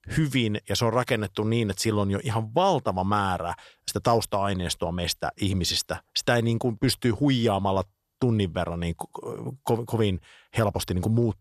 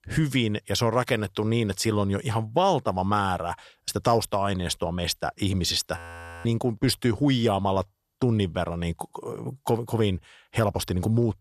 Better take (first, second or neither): first